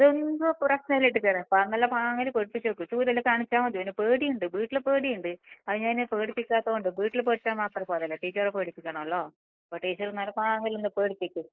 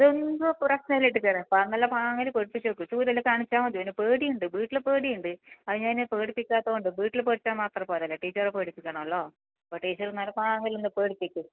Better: second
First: noise reduction (neural mask model Resemble Enhance denoiser)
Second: none

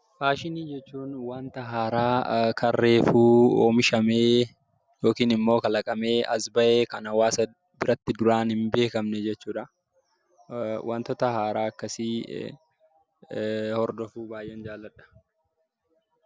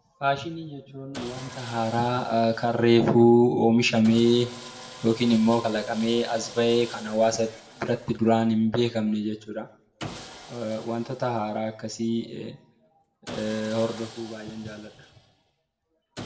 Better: first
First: none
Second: background sound (Sawing); 19 dB below the speech // room echo; dies away in 0.5 s

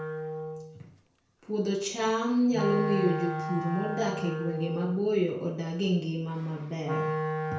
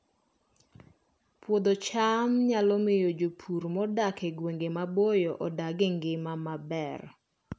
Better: second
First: background sound (Wind instrument, woodwind instrument); 5 dB below the speech // room echo; dies away in 0.5 s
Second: none

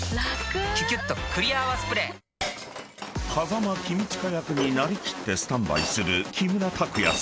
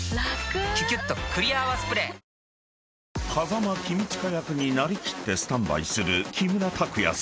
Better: second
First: background sound (Chink, clink); 10 dB below the speech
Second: none

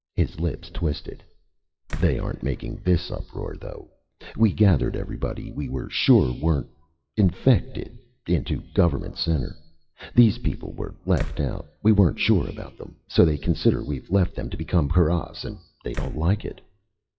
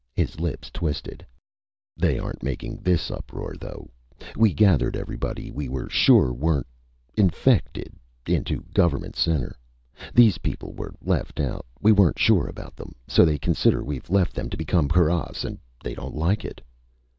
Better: second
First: noise reduction (classical method WPE with log-MMSE)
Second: none

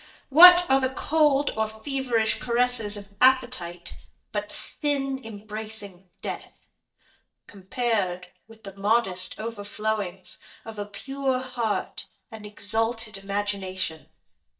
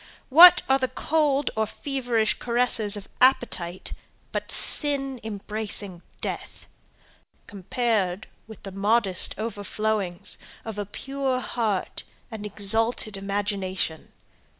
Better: second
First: noise reduction (neural mask model DeepFilterNet 3)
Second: none

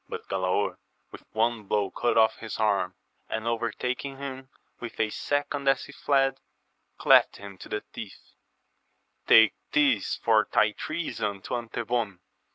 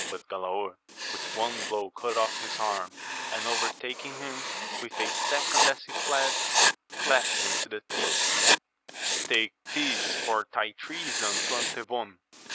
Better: first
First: none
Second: background sound (Writing); 3 dB above the speech

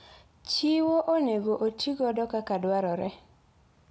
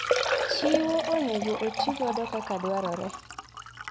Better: first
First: none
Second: background sound (Liquid); as loud as the speech

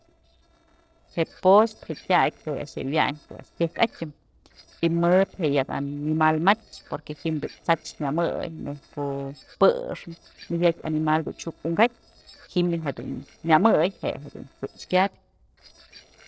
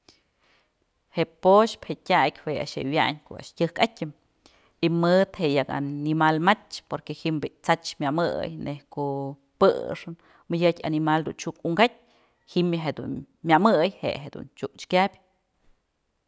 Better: second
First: noise reduction (neural separator model SepFormer DNS4)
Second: none

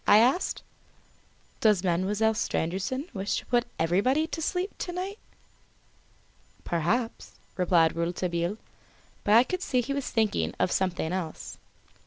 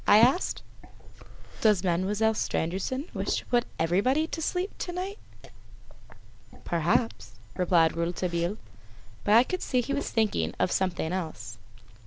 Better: first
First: none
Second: background sound (Liquid); 8 dB below the speech

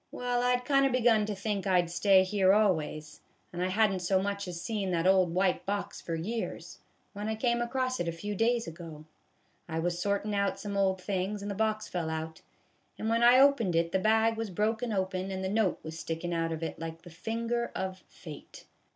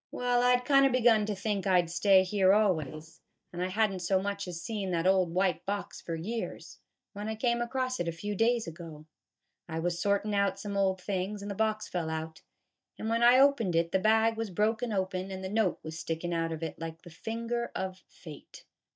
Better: first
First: none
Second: noise reduction (neural mask model DeepFilterNet 3)

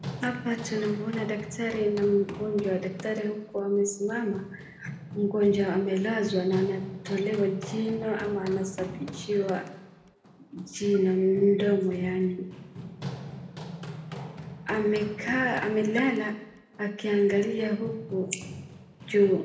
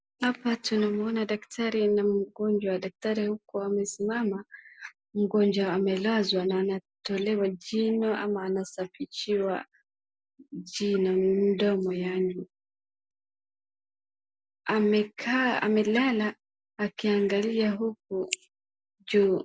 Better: second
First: background sound (Run); 12 dB below the speech // room echo; dies away in 0.8 s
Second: none

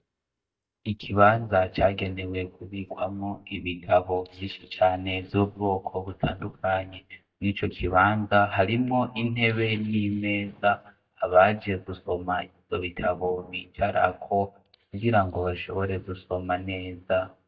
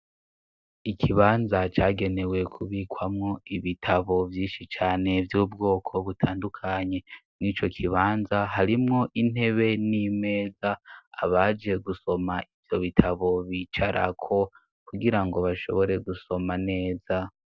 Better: second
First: noise reduction (neural mask model DeepFilterNet 3)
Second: none

